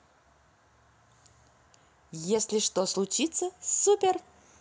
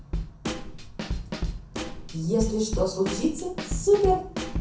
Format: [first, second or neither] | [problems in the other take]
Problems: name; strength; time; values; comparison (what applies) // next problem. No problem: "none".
first | background sound (Snare drum / Drum kit); 4 dB below the speech // room echo; dies away in 0.6 s